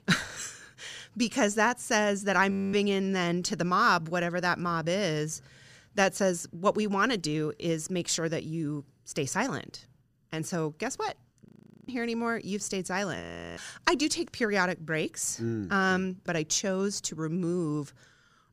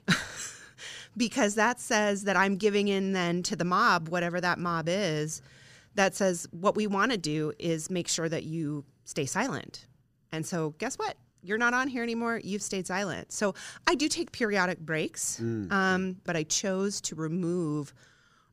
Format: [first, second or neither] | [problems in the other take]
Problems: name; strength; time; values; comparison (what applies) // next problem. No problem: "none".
second | audio freezing; at 2.5 s, at 11 s and at 13 s